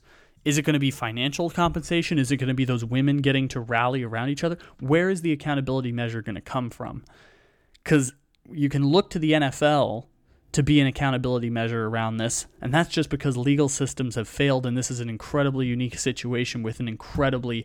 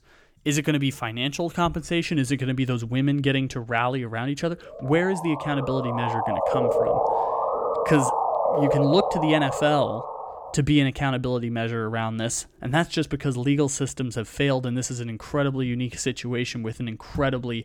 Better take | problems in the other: first | siren; loud; from 4.5 to 11 s; peak 3 dB above the speech

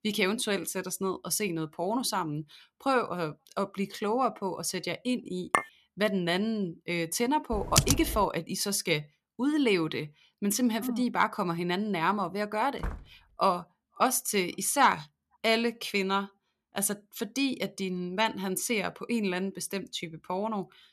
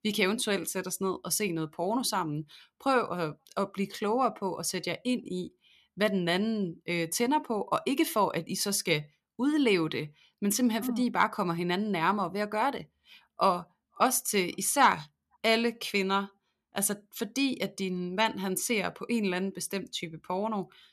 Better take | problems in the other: second | clattering dishes; noticeable; at 5.5 s; peak level with the speech // keyboard typing; loud; at 7.5 s; peak 5 dB above the speech // door banging; faint; at 13 s; peak 10 dB below the speech

